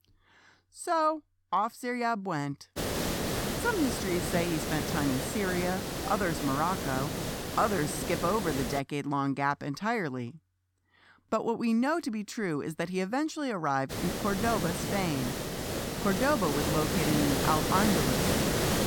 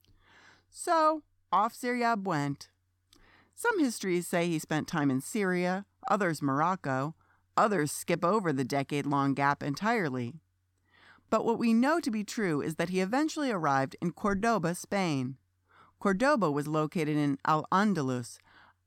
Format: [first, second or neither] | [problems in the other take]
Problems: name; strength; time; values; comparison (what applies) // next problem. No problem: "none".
second | hiss; loud; from 3 to 9 s and from 14 s on; 1 dB below the speech